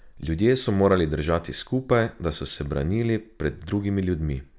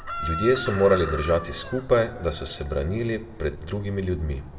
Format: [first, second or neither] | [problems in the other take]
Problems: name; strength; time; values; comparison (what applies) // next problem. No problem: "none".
first | background sound (Chicken, rooster); 12 dB below the speech // room echo; dies away in 1 s